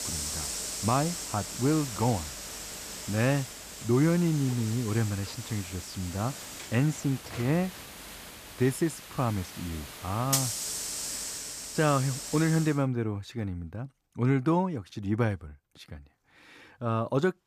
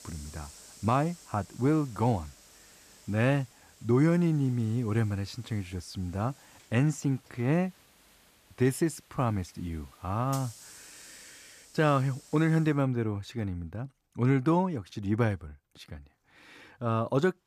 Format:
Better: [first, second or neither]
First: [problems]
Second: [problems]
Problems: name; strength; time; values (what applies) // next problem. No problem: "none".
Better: second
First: hiss; loud; until 13 s; 7 dB below the speech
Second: hiss; faint; until 13 s; 25 dB below the speech